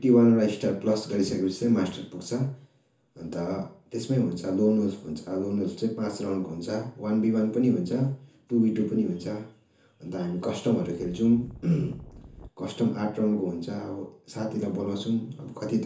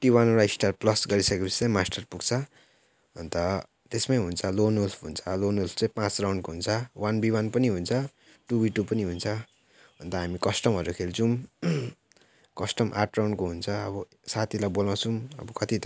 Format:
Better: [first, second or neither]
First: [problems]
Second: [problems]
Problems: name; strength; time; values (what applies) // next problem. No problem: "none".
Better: second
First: background sound (Wind); 19 dB below the speech // room echo; dies away in 0.9 s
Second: none